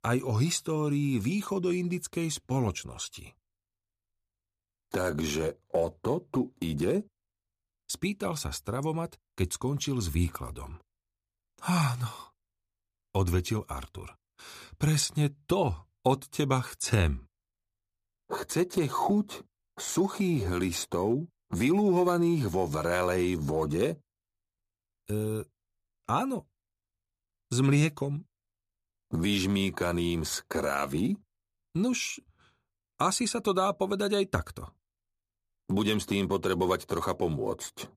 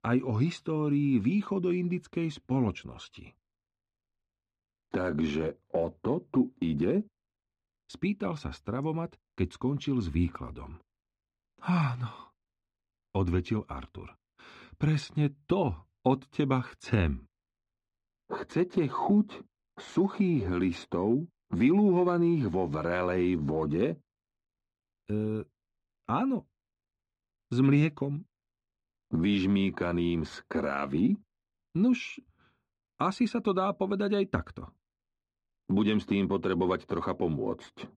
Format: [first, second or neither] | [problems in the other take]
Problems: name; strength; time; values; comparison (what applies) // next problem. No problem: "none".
first | muffled; slightly; fading above 2.5 kHz